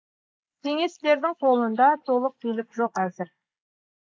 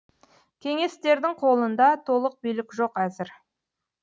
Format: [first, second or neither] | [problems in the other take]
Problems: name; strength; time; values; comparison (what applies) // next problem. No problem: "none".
second | noise reduction (neural mask model Resemble Enhance denoiser)